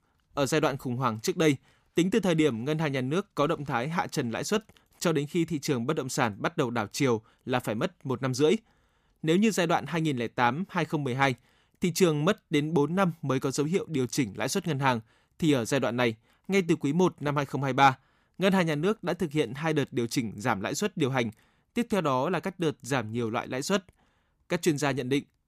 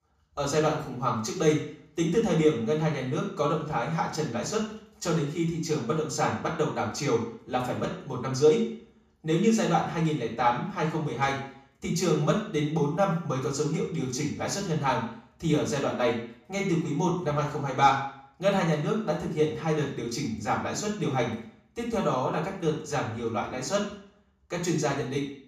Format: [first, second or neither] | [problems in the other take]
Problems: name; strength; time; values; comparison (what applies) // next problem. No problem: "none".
first | room echo; noticeable; dies away in 0.5 s // off-mic speech; far